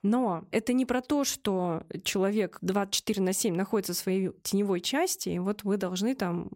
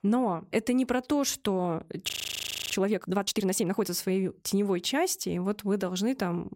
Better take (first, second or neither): first